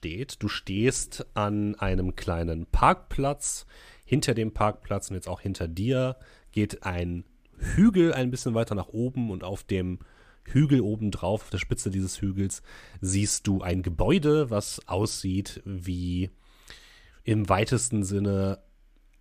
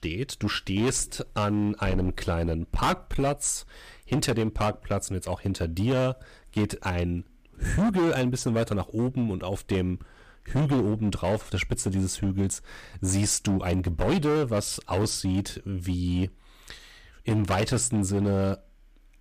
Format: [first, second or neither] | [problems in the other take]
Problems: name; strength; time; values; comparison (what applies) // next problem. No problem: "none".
first | distortion; heavy; 11% of the sound clipped